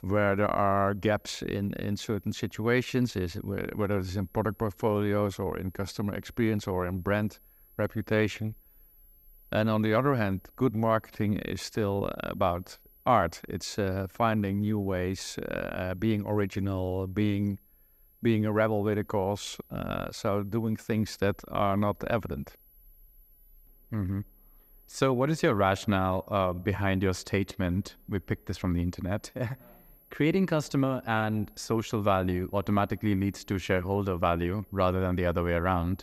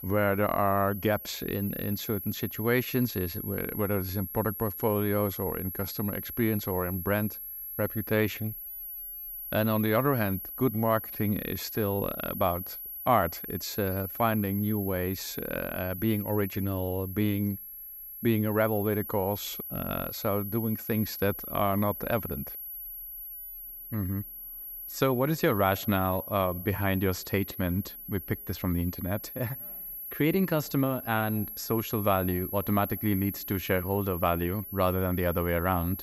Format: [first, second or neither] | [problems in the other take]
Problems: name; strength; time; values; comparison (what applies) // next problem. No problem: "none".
first | high-pitched whine; loud; throughout; 11.5 kHz, 8 dB below the speech; faint in the first